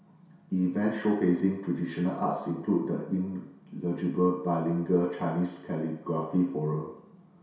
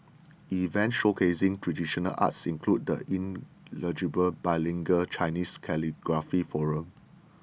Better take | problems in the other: second | room echo; dies away in 0.7 s

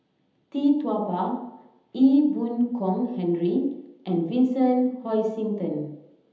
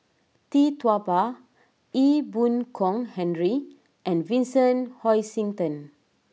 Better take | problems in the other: second | room echo; dies away in 0.9 s

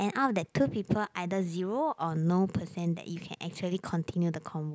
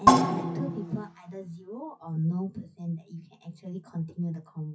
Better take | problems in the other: first | noise reduction (classical method WPE with log-MMSE)

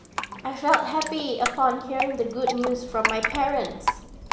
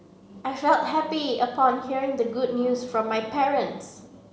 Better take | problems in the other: second | background sound (Drip); 3 dB below the speech

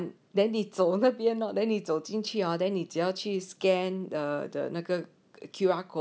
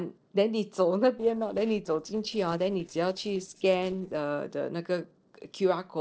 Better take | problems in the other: first | noise reduction (neural separator model SepFormer DNS4)

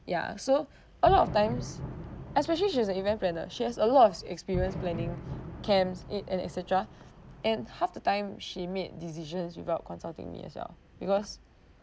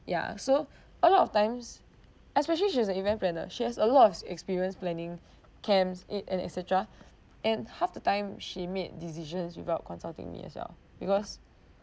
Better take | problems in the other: second | background sound (Fireworks); 10 dB below the speech

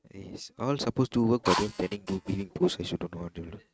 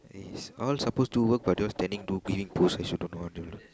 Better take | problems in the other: second | noise reduction (neural mask model RNNoise)

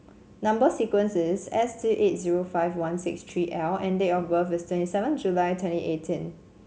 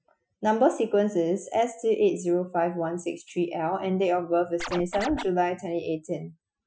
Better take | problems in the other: first | noise reduction (classical method Wiener filter)

